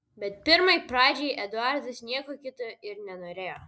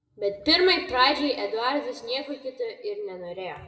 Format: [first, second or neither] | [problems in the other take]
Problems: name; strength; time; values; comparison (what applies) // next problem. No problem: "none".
first | room echo; dies away in 1.2 s